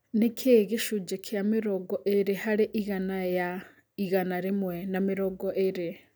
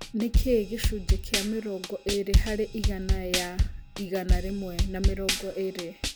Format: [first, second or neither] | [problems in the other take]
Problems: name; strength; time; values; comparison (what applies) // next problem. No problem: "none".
first | background sound (Drum / Drum kit); 4 dB above the speech